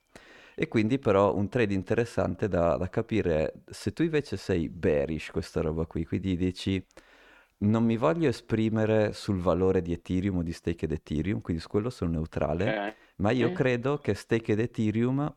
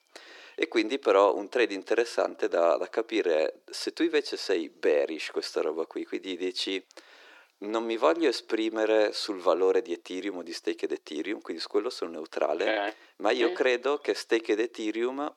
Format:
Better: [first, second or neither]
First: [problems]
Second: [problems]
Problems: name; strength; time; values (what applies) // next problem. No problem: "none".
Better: first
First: none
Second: thin; very; fading below 350 Hz